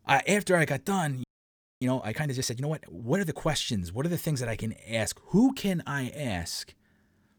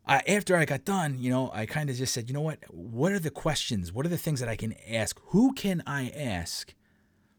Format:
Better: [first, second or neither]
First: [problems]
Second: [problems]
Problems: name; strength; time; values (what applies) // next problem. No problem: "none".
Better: second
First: audio freezing; at 1 s for 0.5 s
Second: none